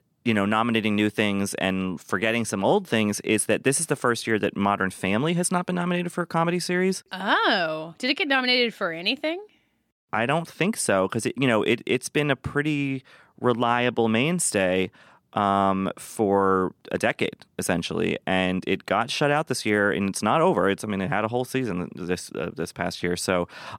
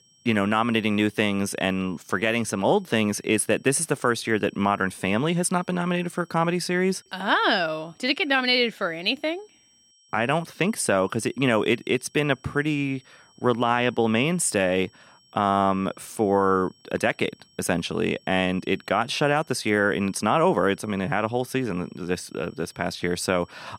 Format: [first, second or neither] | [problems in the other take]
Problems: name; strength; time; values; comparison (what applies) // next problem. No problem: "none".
first | high-pitched whine; faint; throughout; 5.5 kHz, 35 dB below the speech